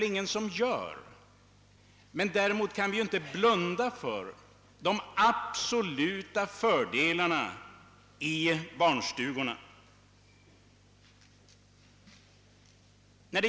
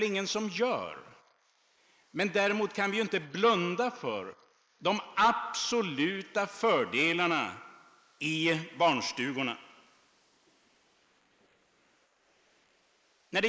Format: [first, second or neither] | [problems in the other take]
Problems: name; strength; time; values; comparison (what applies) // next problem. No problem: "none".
first | noise reduction (neural mask model Resemble Enhance denoiser)